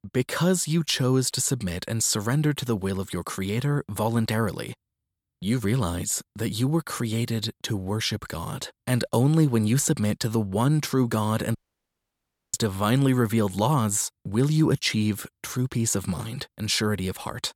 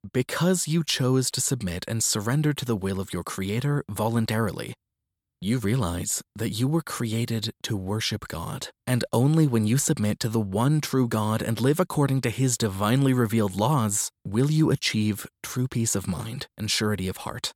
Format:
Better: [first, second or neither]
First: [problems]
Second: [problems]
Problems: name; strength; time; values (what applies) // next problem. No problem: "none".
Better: second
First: audio cutting out; at 12 s for 1 s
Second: none